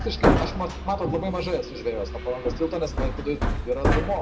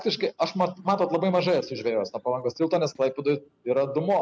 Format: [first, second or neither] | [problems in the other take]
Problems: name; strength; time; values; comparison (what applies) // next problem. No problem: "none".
second | background sound (Hammer); 2 dB above the speech // room echo; dies away in 0.6 s